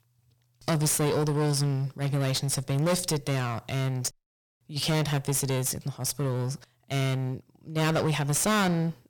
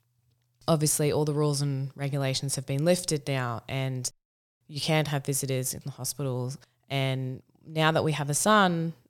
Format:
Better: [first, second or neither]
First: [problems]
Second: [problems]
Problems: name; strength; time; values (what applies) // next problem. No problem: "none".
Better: second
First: distortion; heavy; 18% of the sound clipped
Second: none